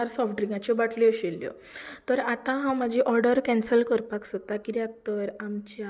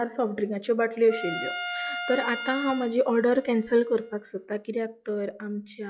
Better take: first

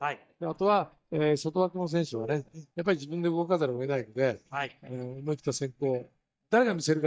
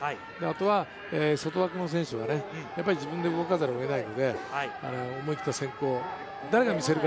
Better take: second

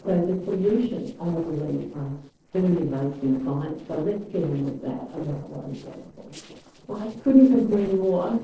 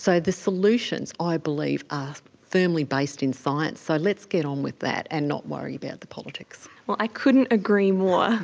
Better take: second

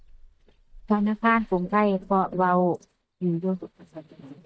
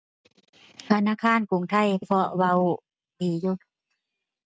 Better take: second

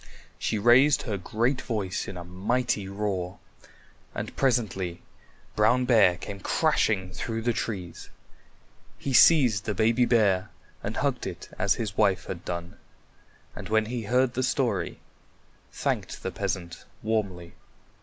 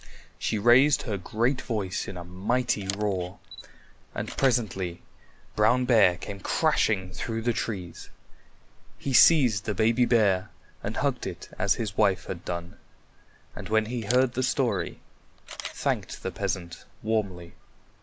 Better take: first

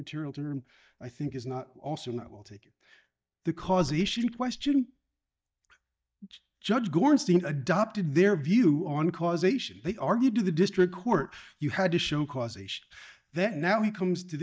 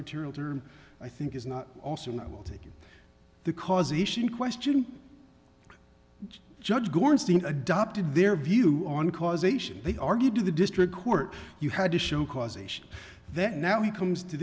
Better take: second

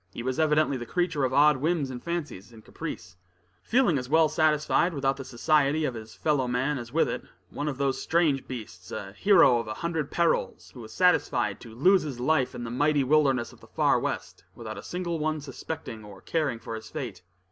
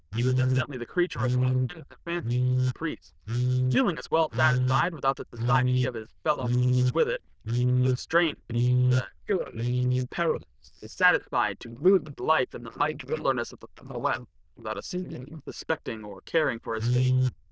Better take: first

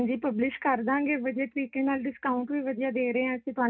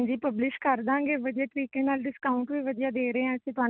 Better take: second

